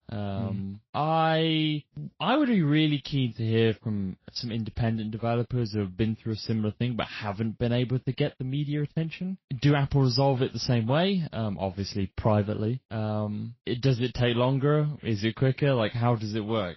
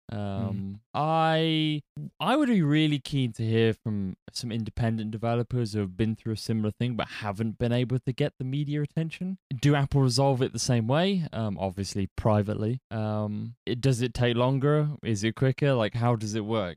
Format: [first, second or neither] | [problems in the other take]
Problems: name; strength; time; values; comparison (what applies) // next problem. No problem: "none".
second | garbled, watery; slightly; nothing above 5.5 kHz